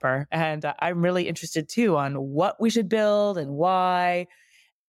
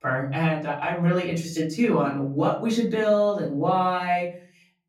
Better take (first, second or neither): first